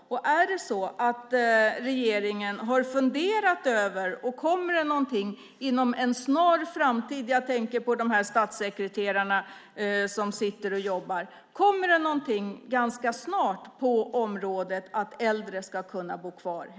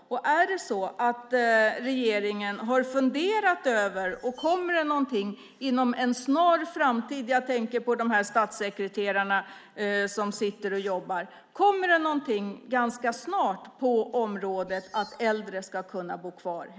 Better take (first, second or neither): first